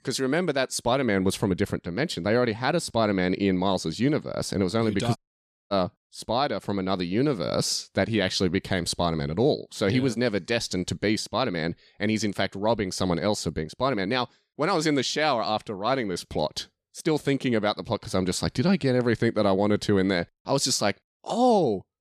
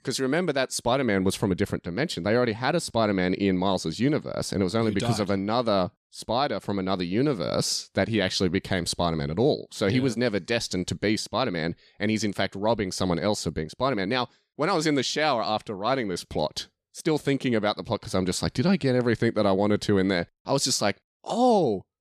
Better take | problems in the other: second | audio cutting out; at 5 s for 0.5 s

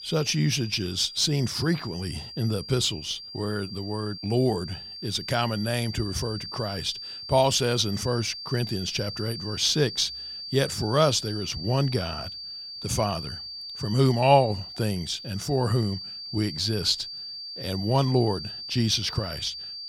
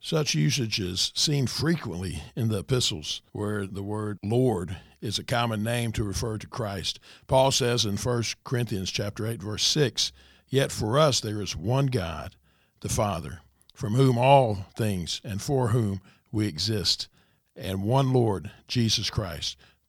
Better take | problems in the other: second | high-pitched whine; loud; throughout; 4.5 kHz, 9 dB below the speech

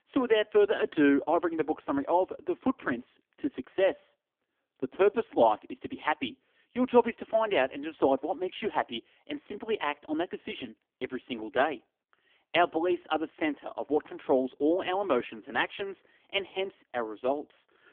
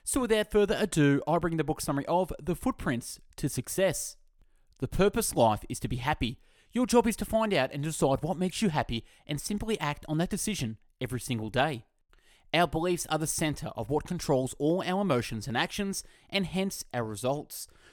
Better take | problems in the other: second | phone-call audio; poor line; nothing above 3.5 kHz

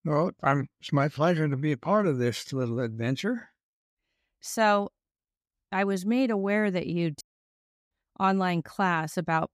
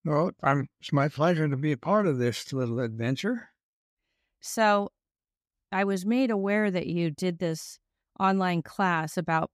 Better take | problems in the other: second | audio cutting out; at 7 s for 0.5 s

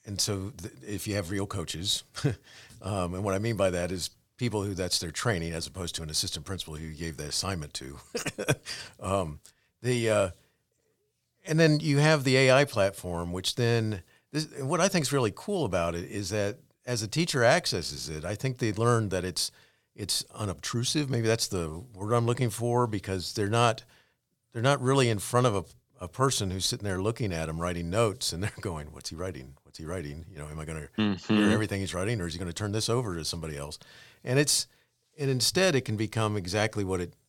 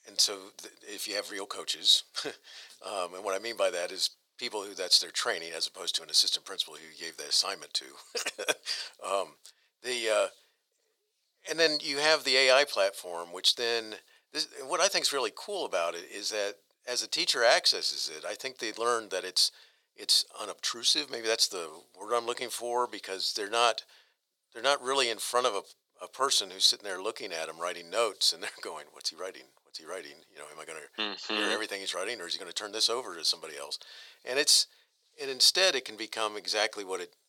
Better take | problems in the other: first | thin; very; fading below 450 Hz

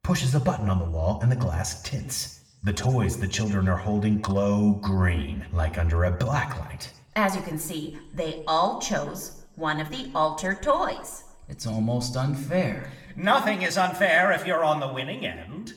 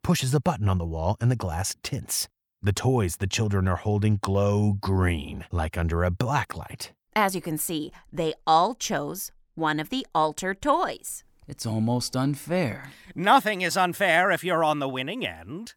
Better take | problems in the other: second | room echo; slight; dies away in 0.7 s

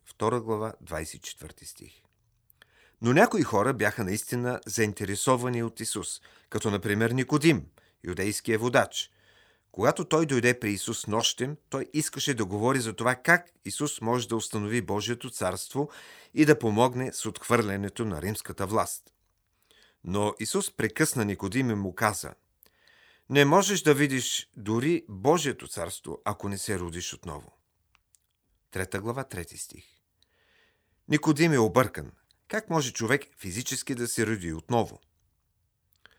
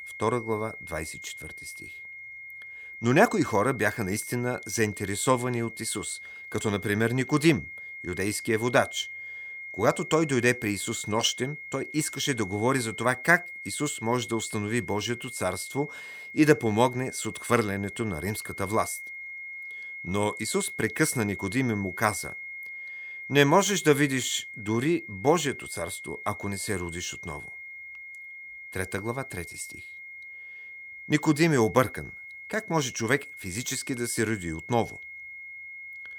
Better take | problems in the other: first | high-pitched whine; noticeable; throughout; 2 kHz, 10 dB below the speech

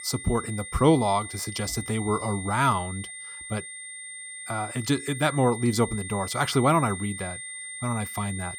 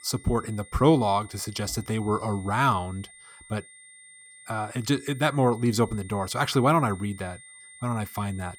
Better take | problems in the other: second | high-pitched whine; loud; throughout; 2 kHz, 10 dB below the speech; faint in the second

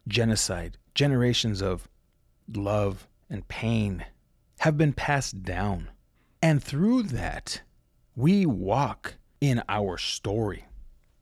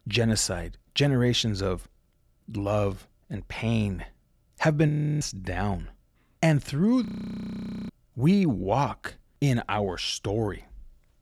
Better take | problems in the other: first | audio freezing; at 5 s and at 7 s for 1 s

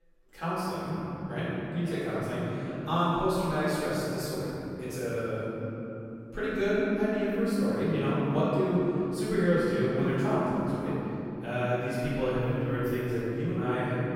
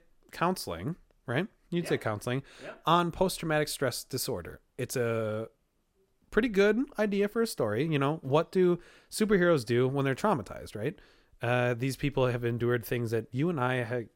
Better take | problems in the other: second | room echo; strong; dies away in 3 s // off-mic speech; far

